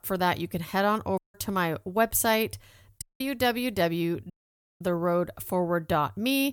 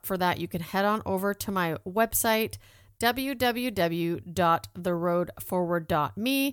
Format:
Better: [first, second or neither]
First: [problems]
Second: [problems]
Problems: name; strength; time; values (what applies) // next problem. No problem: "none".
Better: second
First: audio cutting out; at 1 s, at 3 s and at 4.5 s for 0.5 s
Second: none